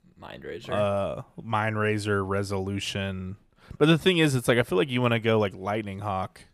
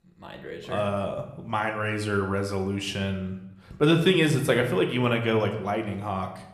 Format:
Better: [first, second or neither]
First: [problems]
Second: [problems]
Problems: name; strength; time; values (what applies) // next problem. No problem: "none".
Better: first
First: none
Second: room echo; slight; dies away in 0.7 s